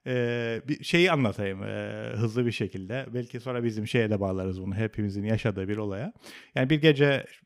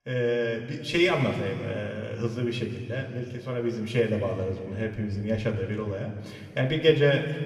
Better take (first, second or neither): first